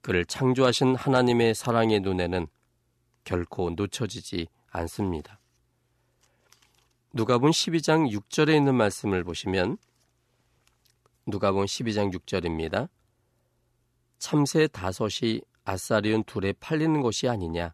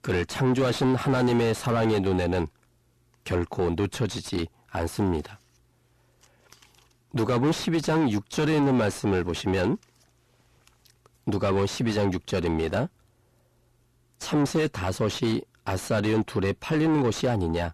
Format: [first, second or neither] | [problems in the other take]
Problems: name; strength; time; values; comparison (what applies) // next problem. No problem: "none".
first | distortion; heavy; 6 dB below the speech